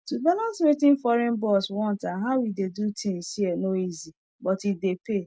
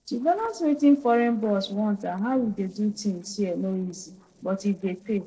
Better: first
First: none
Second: noise reduction (neural separator model SepFormer DNS4)

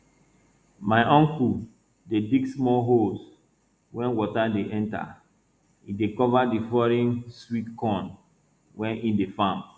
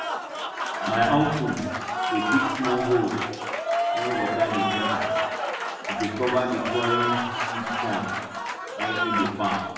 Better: first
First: none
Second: background sound (Applause); as loud as the speech // room echo; dies away in 0.9 s

